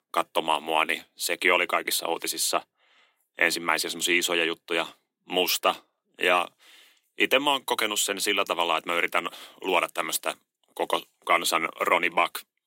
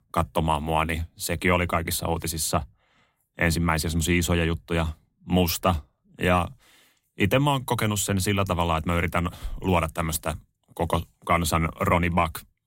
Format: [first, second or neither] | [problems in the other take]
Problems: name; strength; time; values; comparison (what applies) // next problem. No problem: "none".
second | thin; very; fading below 350 Hz